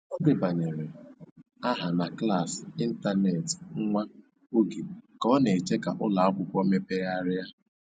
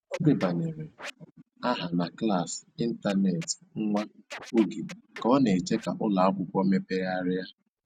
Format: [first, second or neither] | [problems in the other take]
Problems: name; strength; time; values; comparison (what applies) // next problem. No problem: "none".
first | noise reduction (neural mask model RNNoise)